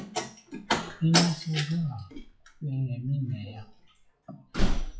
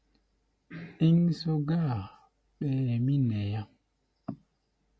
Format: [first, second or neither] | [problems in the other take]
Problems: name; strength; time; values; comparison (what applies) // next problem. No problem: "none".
second | noise reduction (classical method WPE with log-MMSE)